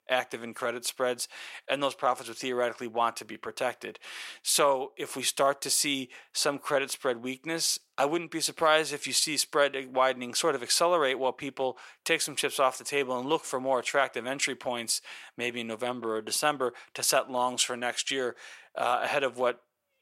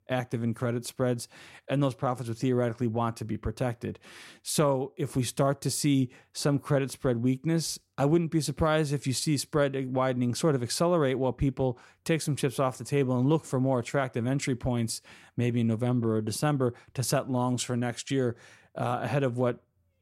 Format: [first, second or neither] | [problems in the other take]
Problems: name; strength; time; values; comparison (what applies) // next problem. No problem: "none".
second | thin; very; fading below 650 Hz